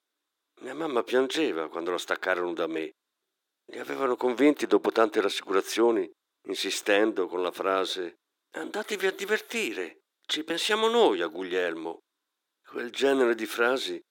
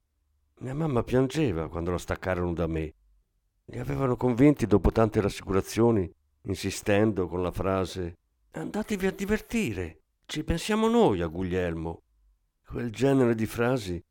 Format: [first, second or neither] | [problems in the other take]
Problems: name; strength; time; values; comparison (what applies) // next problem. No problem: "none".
second | thin; somewhat; fading below 350 Hz